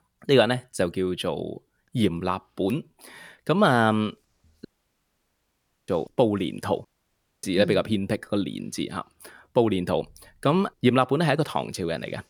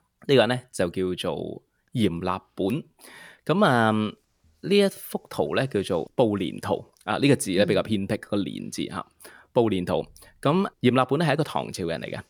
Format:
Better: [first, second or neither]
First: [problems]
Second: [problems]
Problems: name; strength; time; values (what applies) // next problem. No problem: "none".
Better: second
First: audio cutting out; at 4.5 s for 1 s and at 7 s for 0.5 s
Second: none